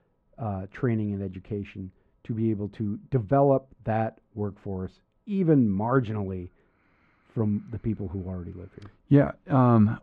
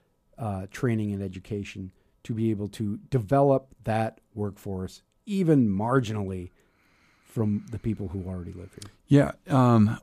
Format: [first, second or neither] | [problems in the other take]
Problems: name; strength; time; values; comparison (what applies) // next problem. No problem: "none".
second | muffled; very; fading above 2 kHz